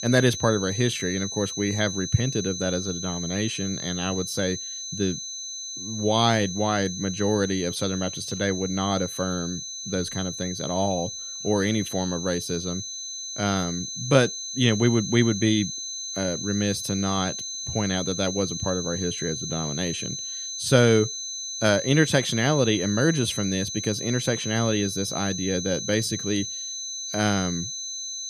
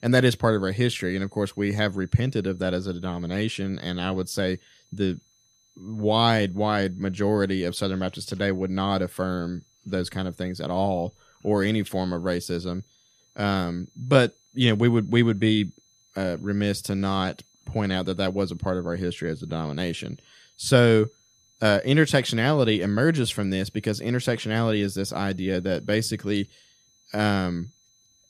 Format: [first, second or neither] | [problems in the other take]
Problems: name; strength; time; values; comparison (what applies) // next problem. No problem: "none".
second | high-pitched whine; loud; throughout; 6 kHz, 5 dB below the speech; faint in the second